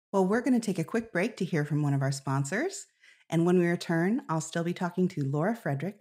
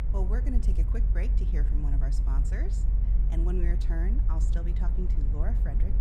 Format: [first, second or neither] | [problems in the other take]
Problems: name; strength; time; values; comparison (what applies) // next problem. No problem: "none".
first | low rumble; loud; throughout; 4 dB below the speech